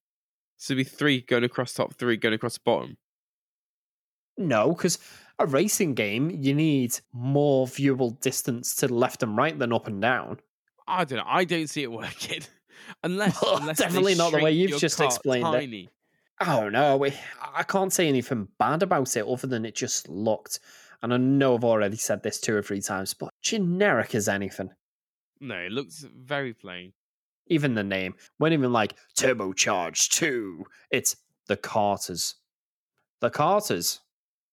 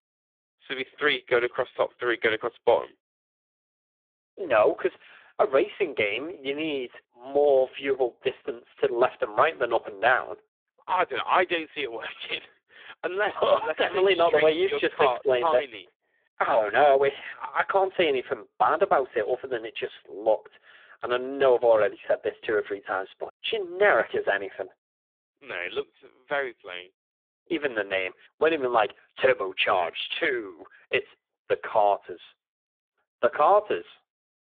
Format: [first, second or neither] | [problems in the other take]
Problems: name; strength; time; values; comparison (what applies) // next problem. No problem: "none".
first | phone-call audio; poor line; nothing above 3.5 kHz